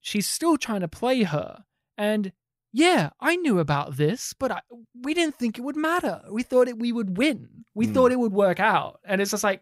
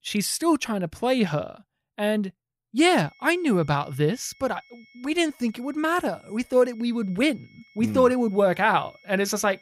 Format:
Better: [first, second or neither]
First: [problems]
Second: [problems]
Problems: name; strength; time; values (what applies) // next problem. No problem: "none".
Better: first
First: none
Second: high-pitched whine; faint; from 3 s on; 2 kHz, 30 dB below the speech